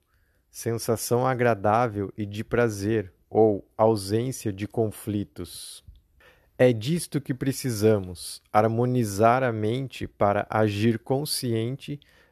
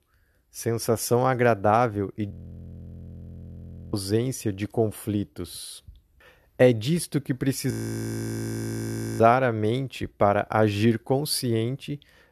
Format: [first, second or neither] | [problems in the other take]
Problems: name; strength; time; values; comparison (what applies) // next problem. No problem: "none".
first | audio freezing; at 2.5 s for 1.5 s and at 7.5 s for 1.5 s